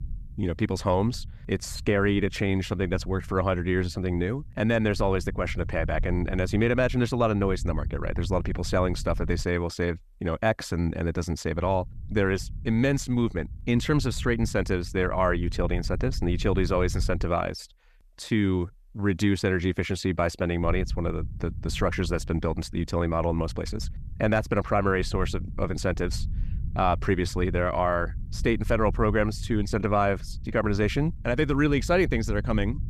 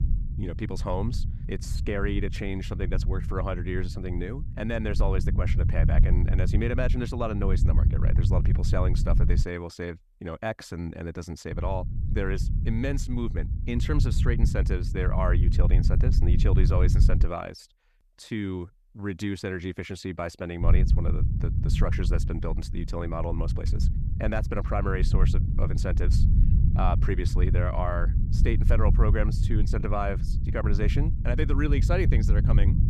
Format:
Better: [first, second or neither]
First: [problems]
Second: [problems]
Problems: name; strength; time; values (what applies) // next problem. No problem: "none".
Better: first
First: low rumble; faint; until 9.5 s, from 12 to 17 s and from 21 s on; 25 dB below the speech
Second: low rumble; loud; until 9.5 s, from 12 to 17 s and from 21 s on; 8 dB below the speech